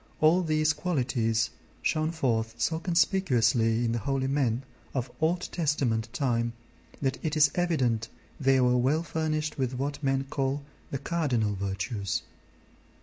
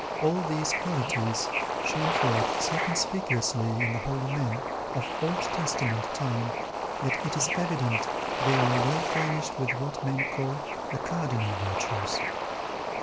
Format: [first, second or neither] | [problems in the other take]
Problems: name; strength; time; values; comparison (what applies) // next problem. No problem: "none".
first | background sound (Bird / Ocean); as loud as the speech